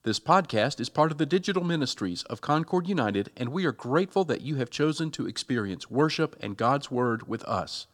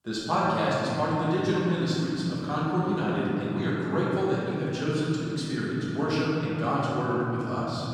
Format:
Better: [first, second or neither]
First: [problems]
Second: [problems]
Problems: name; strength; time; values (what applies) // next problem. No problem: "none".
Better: first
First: none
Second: room echo; strong; dies away in 3 s // off-mic speech; far